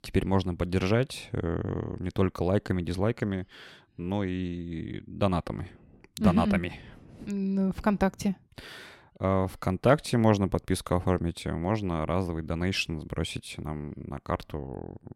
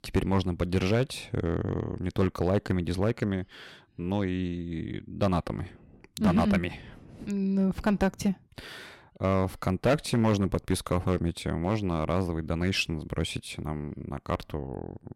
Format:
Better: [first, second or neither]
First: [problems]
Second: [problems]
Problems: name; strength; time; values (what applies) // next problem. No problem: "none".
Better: first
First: none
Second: distortion; slight; 2% of the sound clipped